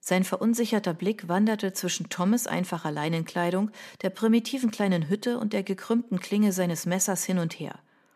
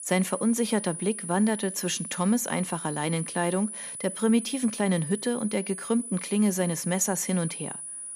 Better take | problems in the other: first | high-pitched whine; loud; throughout; 10 kHz, 8 dB below the speech

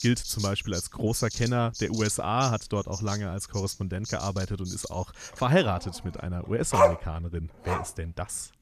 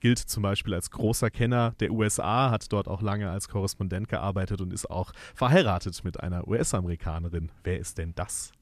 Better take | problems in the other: second | animal sounds; loud; throughout; 3 dB below the speech

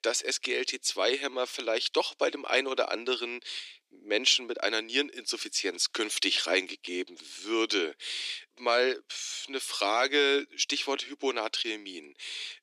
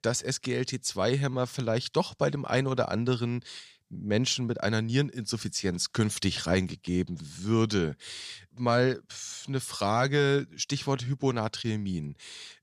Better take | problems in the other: second | thin; somewhat; fading below 300 Hz

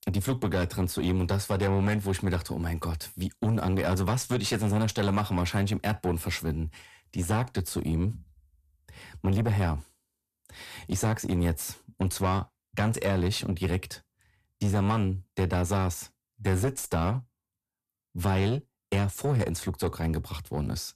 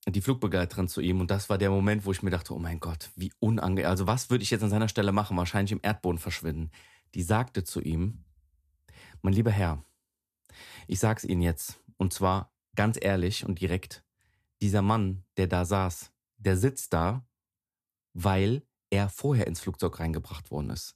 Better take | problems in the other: second | distortion; slight; 10 dB below the speech

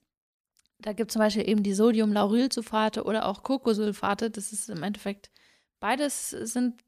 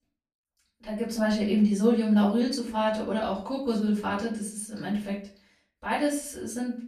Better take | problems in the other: first | off-mic speech; far // room echo; slight; dies away in 0.4 s

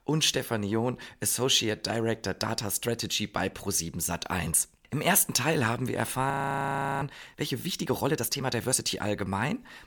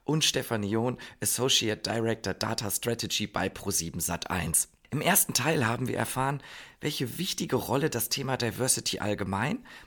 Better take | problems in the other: second | audio freezing; at 6.5 s for 0.5 s

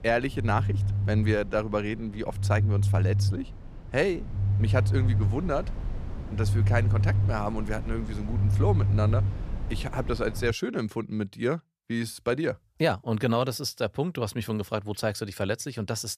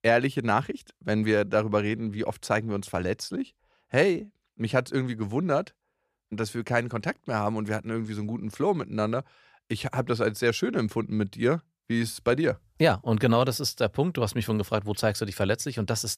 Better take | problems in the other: second | low rumble; noticeable; until 11 s; 10 dB below the speech

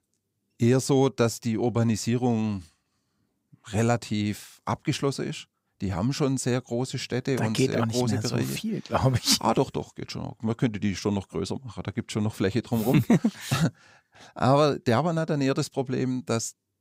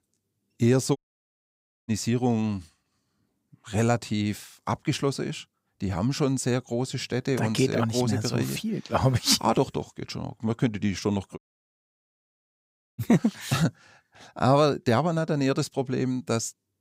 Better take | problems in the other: first | audio cutting out; at 1 s for 1 s and at 11 s for 1.5 s

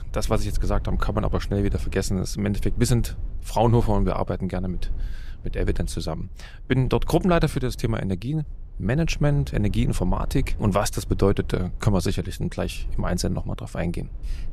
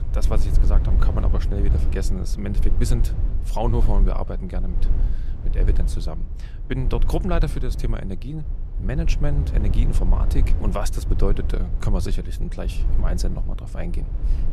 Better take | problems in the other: first | low rumble; loud; throughout; 9 dB below the speech; faint in the first

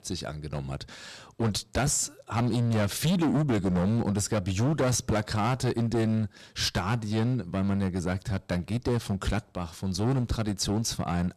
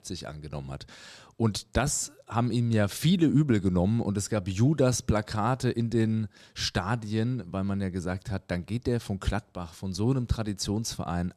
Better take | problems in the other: second | distortion; heavy; 14% of the sound clipped

